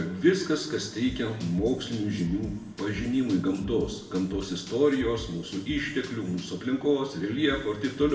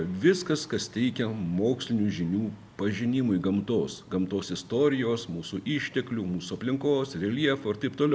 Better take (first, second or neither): second